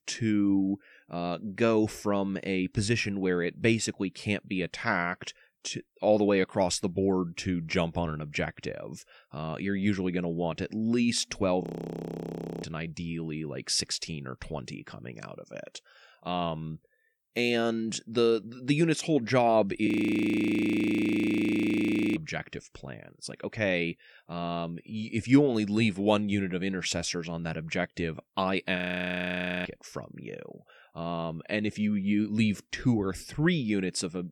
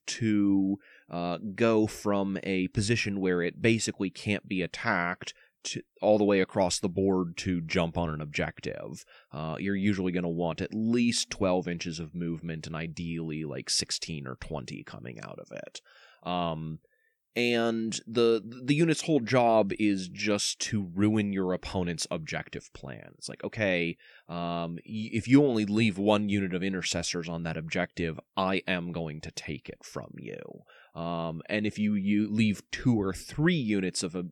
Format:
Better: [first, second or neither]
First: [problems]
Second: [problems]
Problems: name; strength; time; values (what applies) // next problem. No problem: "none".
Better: second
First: audio freezing; at 12 s for 1 s, at 20 s for 2.5 s and at 29 s for 1 s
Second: none